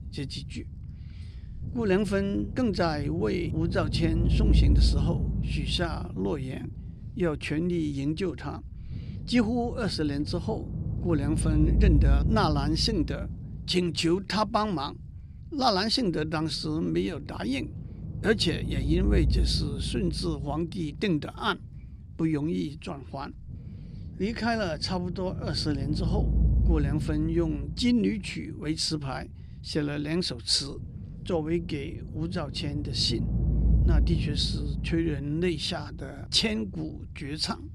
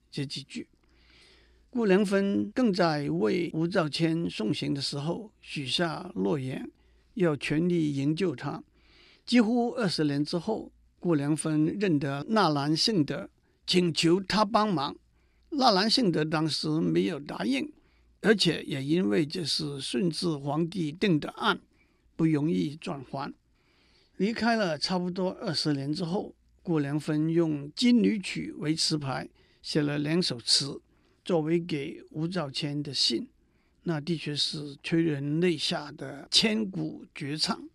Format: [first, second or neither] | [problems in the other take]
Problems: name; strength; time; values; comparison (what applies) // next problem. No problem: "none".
second | low rumble; noticeable; throughout; 15 dB below the speech